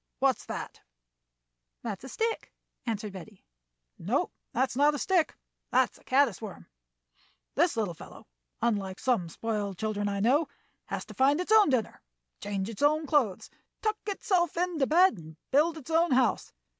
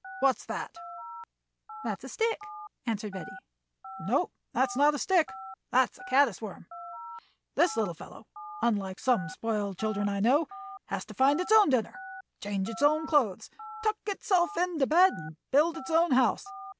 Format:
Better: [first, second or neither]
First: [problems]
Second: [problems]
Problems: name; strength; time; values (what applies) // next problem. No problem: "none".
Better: first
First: none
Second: background sound (Telephone); 15 dB below the speech